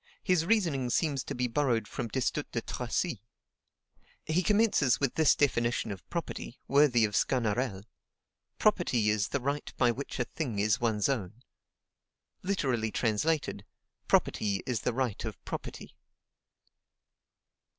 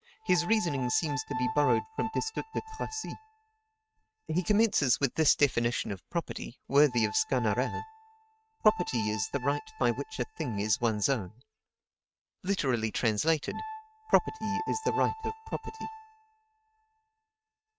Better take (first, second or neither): first